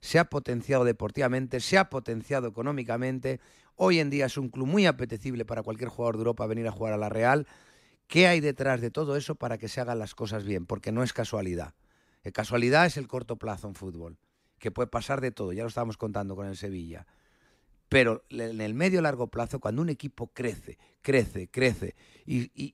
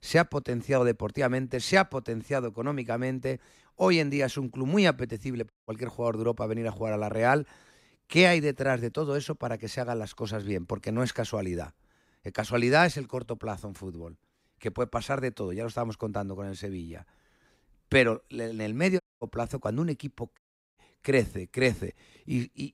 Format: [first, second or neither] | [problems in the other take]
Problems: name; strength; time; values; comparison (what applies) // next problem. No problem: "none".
first | audio cutting out; at 5.5 s, at 19 s and at 20 s